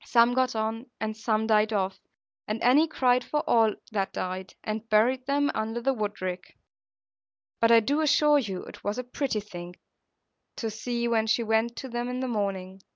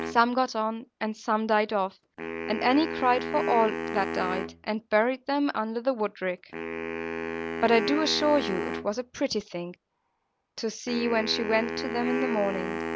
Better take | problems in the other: first | background sound (Wind instrument, woodwind instrument); 6 dB below the speech

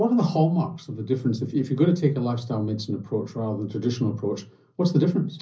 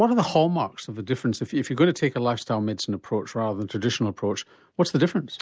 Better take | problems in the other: second | room echo; dies away in 0.5 s

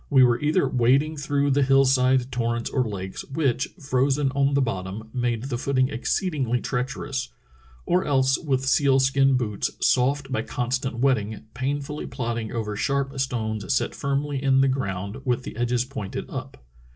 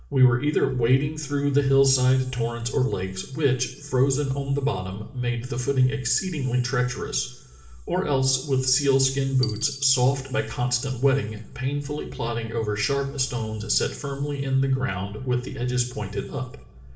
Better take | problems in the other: first | background sound (Coin (dropping)); 18 dB below the speech // room echo; dies away in 1.8 s

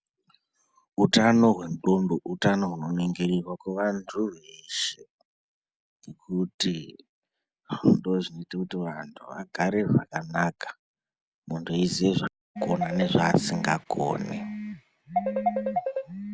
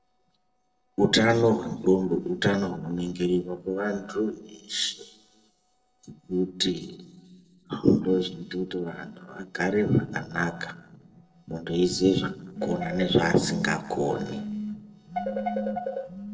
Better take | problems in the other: first | noise reduction (neural separator model SepFormer DNS4)

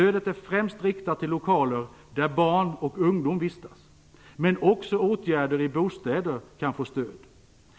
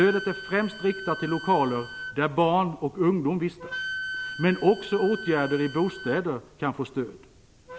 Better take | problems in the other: first | background sound (Wind instrument, woodwind instrument); 12 dB below the speech

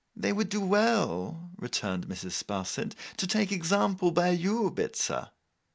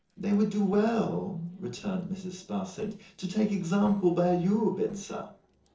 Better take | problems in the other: first | noise reduction (neural separator model SepFormer DNS4)

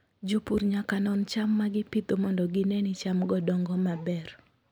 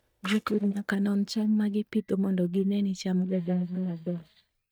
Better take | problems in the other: first | noise reduction (neural mask model DeepFilterNet 3)

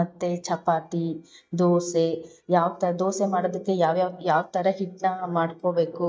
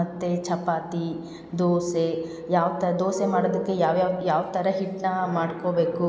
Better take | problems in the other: second | noise reduction (neural mask model DeepFilterNet 3)

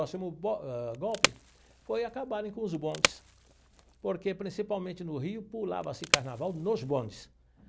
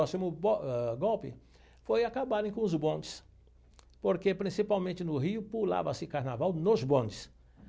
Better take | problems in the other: second | background sound (Wood); 1 dB above the speech

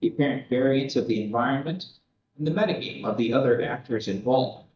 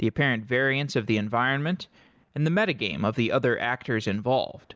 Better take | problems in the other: second | noise reduction (neural mask model DeepFilterNet 3)

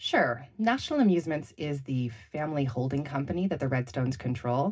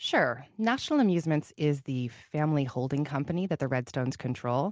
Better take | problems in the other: second | room echo; dies away in 0.4 s

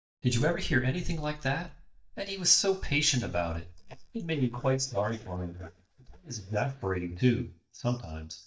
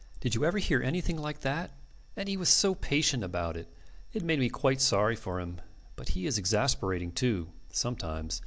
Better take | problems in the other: second | noise reduction (neural mask model DeepFilterNet 3)

